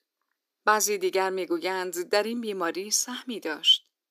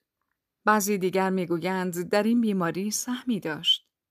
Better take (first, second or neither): second